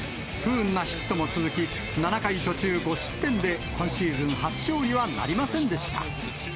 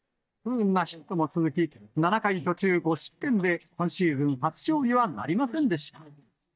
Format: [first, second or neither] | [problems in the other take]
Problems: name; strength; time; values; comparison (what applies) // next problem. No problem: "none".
first | noise reduction (neural mask model DeepFilterNet 3)